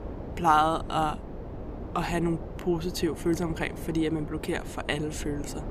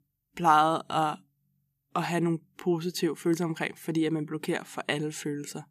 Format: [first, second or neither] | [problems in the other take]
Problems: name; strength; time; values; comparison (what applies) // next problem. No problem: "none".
second | wind noise on the microphone; occasional gusts; 15 dB below the speech